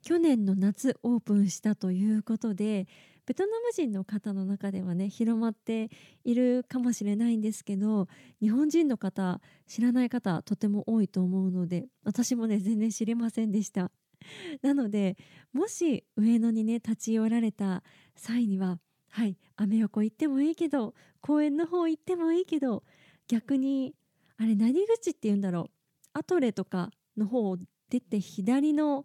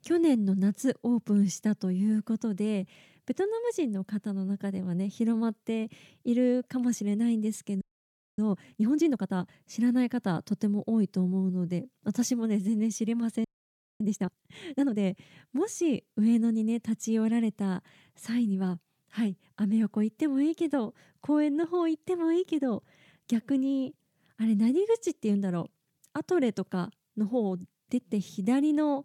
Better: first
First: none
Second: audio freezing; at 8 s for 0.5 s and at 13 s for 0.5 s

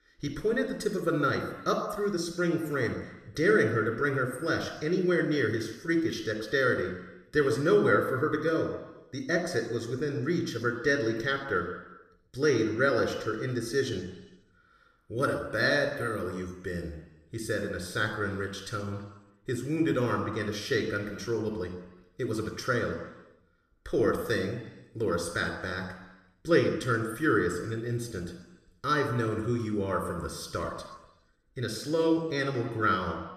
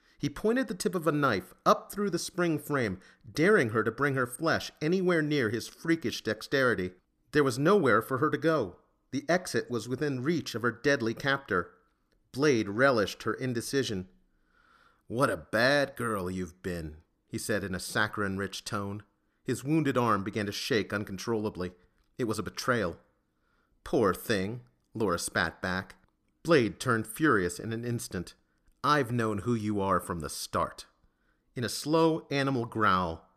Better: second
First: room echo; noticeable; dies away in 1 s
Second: none

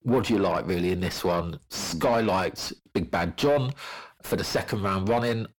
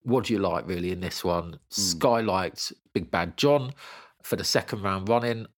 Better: second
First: distortion; heavy; 6 dB below the speech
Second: none

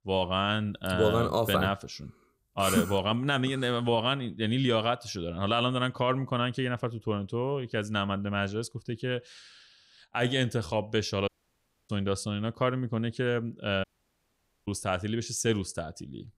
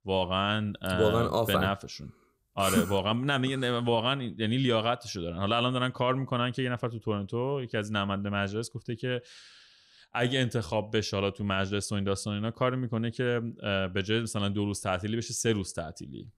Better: second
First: audio cutting out; at 11 s for 0.5 s and at 14 s for 1 s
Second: none

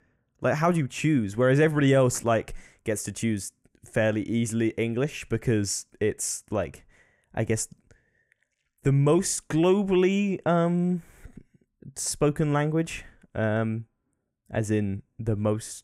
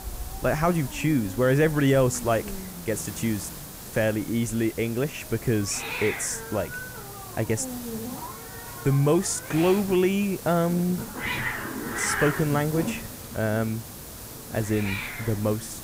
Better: first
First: none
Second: hiss; loud; throughout; 8 dB below the speech

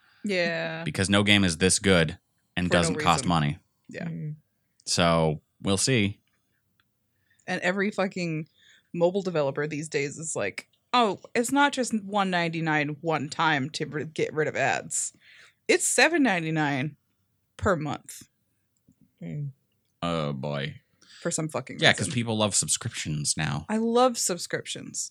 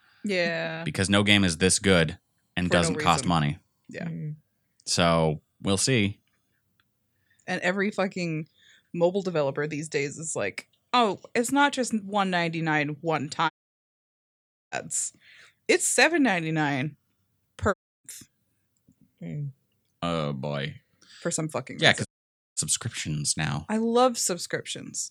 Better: first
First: none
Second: audio cutting out; at 14 s for 1 s, at 18 s and at 22 s for 0.5 s

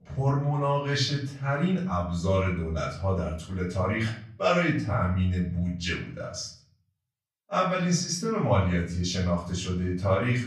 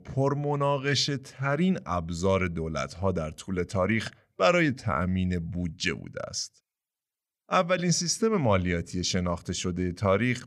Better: second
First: off-mic speech; far // room echo; slight; dies away in 0.5 s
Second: none

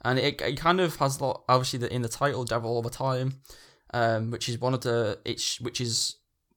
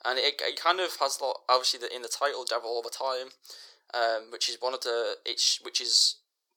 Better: first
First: none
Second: thin; very; fading below 400 Hz

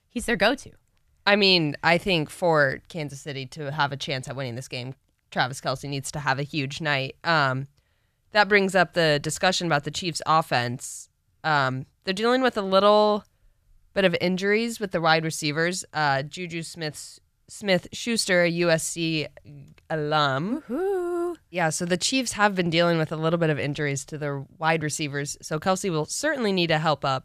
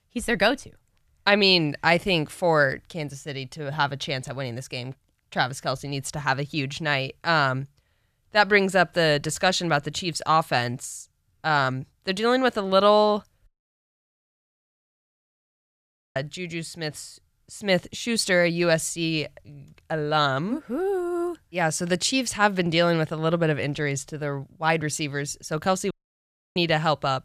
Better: first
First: none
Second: audio cutting out; at 13 s for 2.5 s and at 26 s for 0.5 s

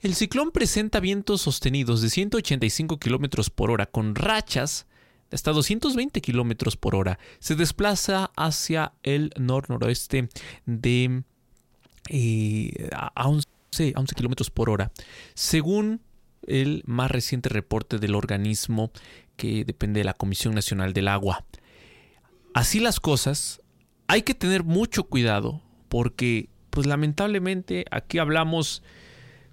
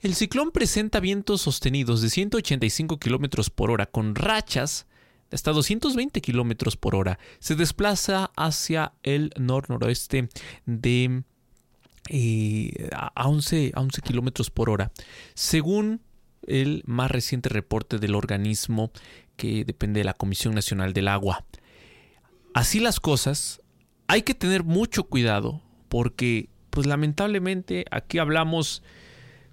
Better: second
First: audio freezing; at 13 s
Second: none

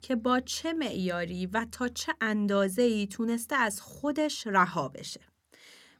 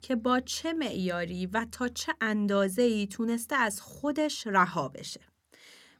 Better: neither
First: none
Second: none

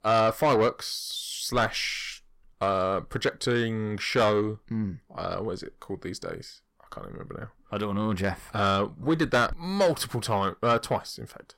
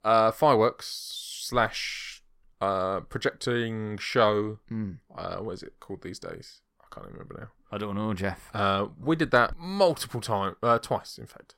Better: second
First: distortion; slight; 10 dB below the speech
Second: none

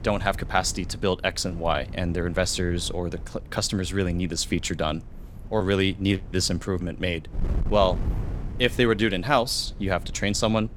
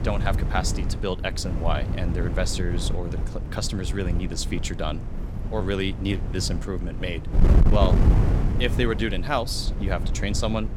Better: first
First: wind noise on the microphone; occasional gusts; 20 dB below the speech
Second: wind noise on the microphone; heavy; 8 dB below the speech

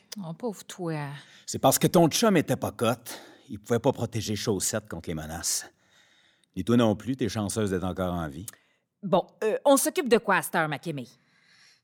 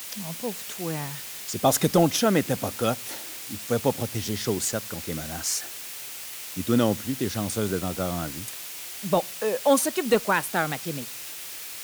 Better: first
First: none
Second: hiss; loud; throughout; 7 dB below the speech

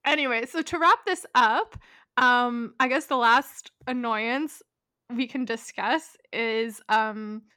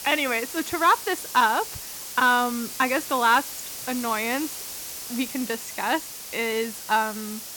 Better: first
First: none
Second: hiss; loud; throughout; 9 dB below the speech

